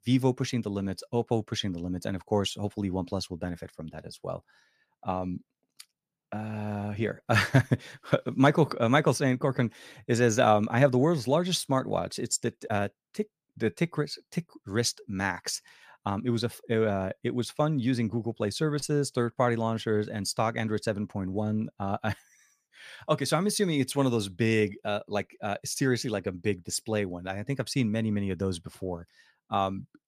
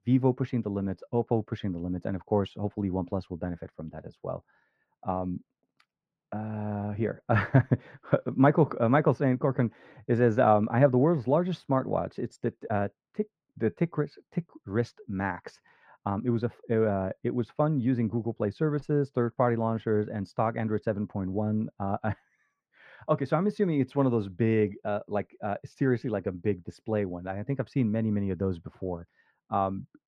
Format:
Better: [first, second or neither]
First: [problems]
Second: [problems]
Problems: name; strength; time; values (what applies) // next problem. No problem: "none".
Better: first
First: none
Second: muffled; very; fading above 3.5 kHz